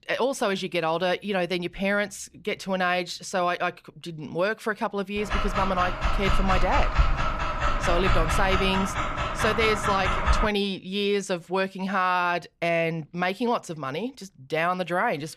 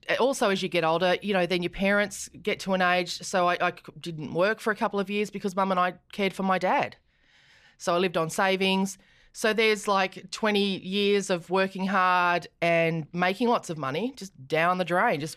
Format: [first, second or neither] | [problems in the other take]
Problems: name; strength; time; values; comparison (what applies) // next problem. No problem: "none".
second | dog barking; loud; from 5.5 to 10 s; peak 2 dB above the speech